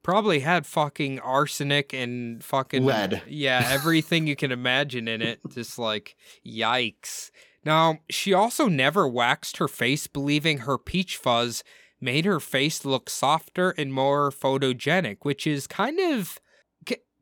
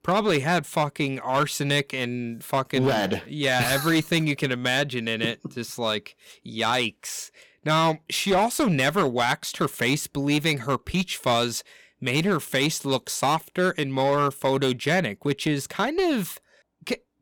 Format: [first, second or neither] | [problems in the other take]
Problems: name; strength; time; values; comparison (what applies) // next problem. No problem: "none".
first | distortion; slight; 7% of the sound clipped